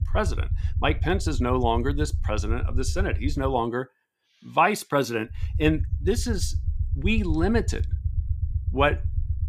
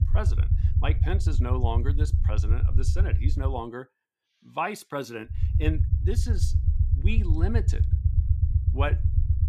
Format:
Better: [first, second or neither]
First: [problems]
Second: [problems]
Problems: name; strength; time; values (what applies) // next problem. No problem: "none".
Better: first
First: low rumble; faint; until 3.5 s and from 5.5 s on; 20 dB below the speech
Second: low rumble; loud; until 3.5 s and from 5.5 s on; 7 dB below the speech